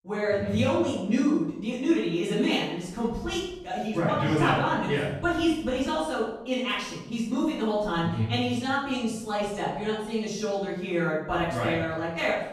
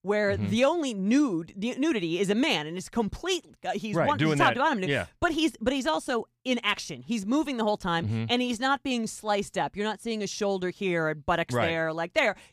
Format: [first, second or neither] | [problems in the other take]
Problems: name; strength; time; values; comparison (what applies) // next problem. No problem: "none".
second | room echo; noticeable; dies away in 0.8 s // off-mic speech; far